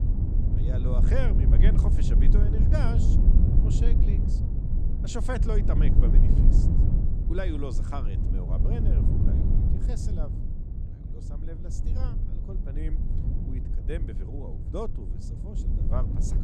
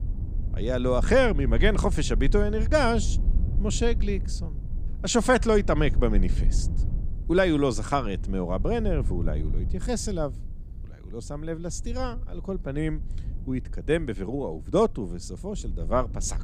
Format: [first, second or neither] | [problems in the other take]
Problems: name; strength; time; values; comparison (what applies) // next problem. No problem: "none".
second | low rumble; loud; throughout; 1 dB below the speech; faint in the second